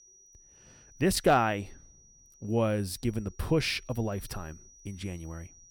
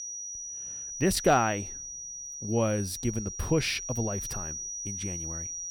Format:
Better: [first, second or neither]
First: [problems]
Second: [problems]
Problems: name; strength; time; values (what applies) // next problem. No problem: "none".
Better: first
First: high-pitched whine; faint; throughout; 6 kHz, 25 dB below the speech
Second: high-pitched whine; loud; throughout; 6 kHz, 6 dB below the speech